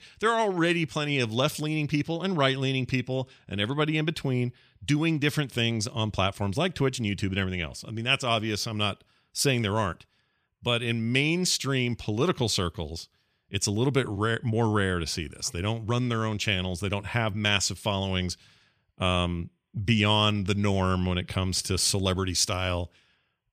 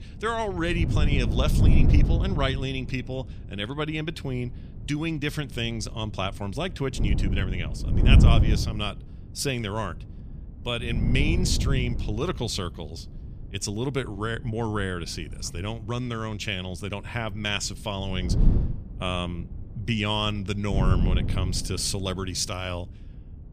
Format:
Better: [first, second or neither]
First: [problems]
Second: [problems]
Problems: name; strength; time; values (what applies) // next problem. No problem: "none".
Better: first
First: none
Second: wind noise on the microphone; heavy; 7 dB below the speech